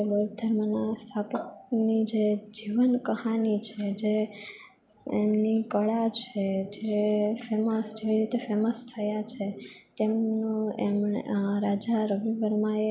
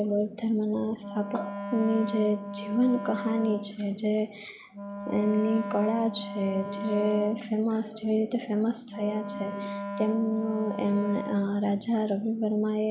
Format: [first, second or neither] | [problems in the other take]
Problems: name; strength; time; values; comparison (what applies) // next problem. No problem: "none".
first | background sound (Wind instrument, woodwind instrument); 9 dB below the speech